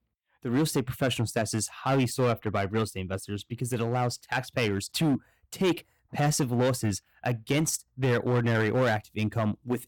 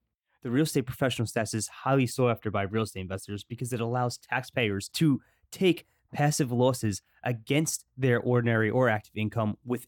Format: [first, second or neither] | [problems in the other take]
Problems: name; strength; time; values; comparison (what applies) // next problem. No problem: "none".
second | distortion; slight; 8% of the sound clipped